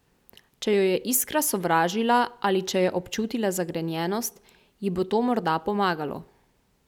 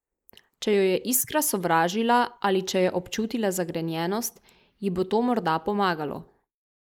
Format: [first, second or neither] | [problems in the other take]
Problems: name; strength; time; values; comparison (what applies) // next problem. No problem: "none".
first | noise reduction (neural mask model Resemble Enhance denoiser)